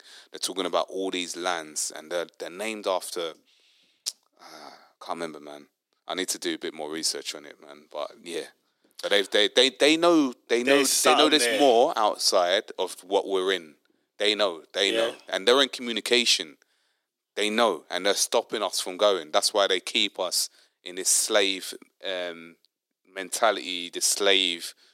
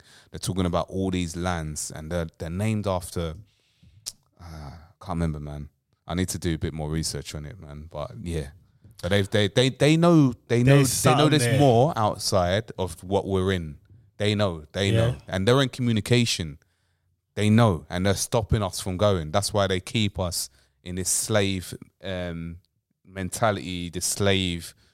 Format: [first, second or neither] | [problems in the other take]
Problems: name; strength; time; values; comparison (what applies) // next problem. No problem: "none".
second | thin; somewhat; fading below 300 Hz